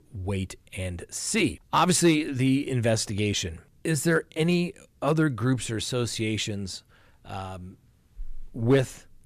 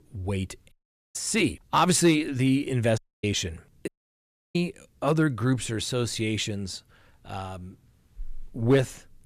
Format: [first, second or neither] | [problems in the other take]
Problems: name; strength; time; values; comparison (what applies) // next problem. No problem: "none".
first | audio cutting out; at 0.5 s, at 3 s and at 4 s for 0.5 s